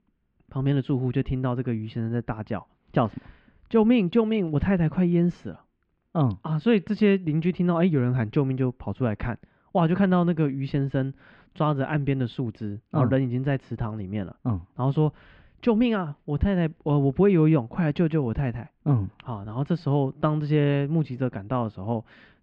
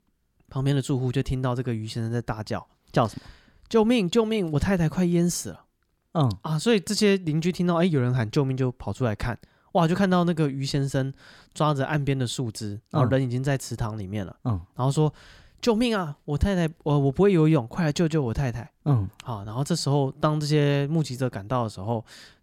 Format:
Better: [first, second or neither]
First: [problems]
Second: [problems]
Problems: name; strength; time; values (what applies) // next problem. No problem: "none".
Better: second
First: muffled; very; fading above 2.5 kHz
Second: none